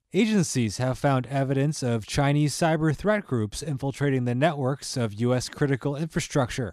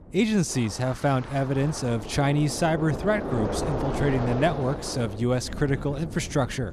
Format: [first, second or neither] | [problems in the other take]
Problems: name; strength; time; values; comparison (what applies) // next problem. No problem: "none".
first | wind noise on the microphone; heavy; 7 dB below the speech